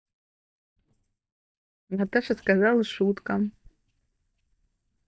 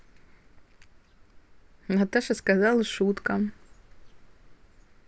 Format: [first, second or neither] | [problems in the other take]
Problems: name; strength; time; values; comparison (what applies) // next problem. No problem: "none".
second | noise reduction (neural mask model DeepFilterNet 3)